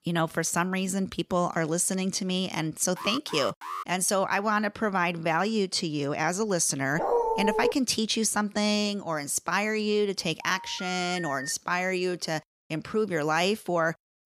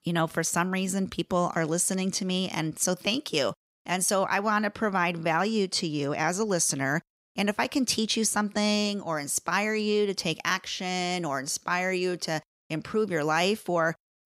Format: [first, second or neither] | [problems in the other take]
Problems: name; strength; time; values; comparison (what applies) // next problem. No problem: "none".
second | alarm; noticeable; at 3 s; peak 8 dB below the speech // dog barking; loud; at 7 s; peak 1 dB above the speech // phone ringing; noticeable; from 10 to 12 s; peak 9 dB below the speech